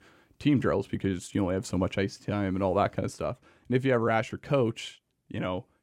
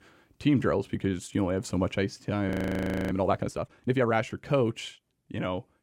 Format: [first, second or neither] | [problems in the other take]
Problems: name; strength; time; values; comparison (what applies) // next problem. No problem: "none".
first | audio freezing; at 2.5 s for 0.5 s